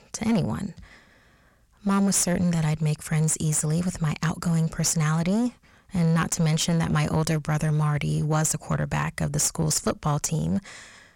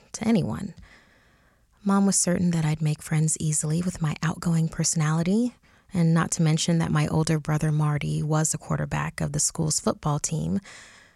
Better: second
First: distortion; slight; 12% of the sound clipped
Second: none

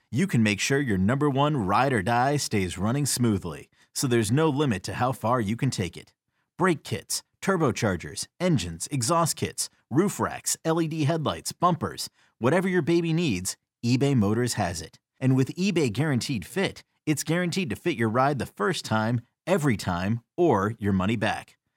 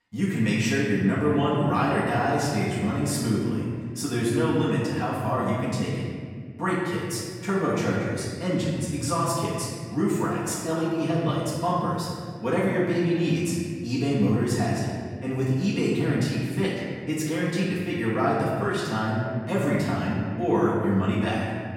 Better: first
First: none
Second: off-mic speech; far // room echo; strong; dies away in 2 s

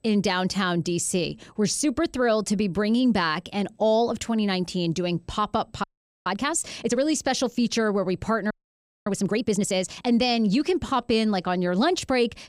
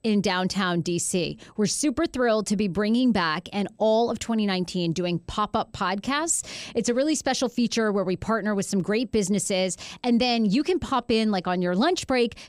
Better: second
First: audio freezing; at 6 s and at 8.5 s for 0.5 s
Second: none

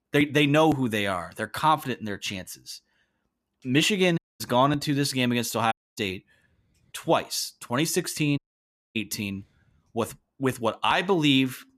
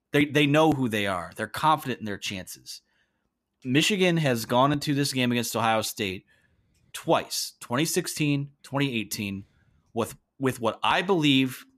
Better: second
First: audio cutting out; at 4 s, at 5.5 s and at 8.5 s for 0.5 s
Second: none

